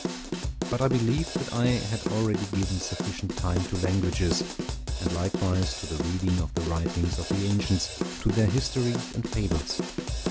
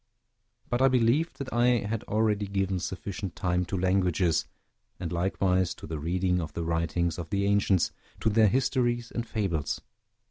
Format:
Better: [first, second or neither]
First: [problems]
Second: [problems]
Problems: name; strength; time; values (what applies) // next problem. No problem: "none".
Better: second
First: background sound (Drum / Drum kit); 4 dB below the speech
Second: none